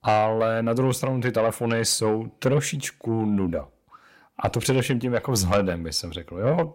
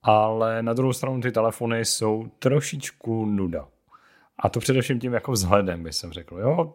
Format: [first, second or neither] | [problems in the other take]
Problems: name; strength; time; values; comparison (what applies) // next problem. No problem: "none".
second | distortion; slight; 10 dB below the speech